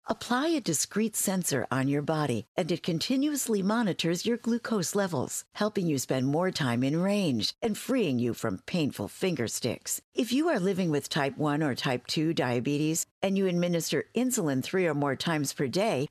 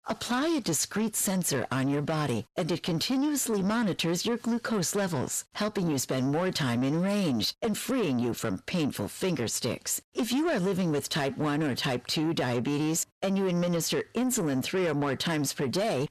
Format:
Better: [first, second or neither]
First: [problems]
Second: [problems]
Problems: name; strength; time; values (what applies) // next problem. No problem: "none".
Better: first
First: none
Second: distortion; slight; 10 dB below the speech